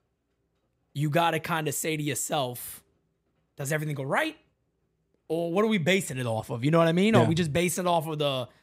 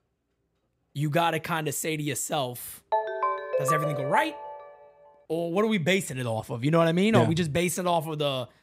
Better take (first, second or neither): first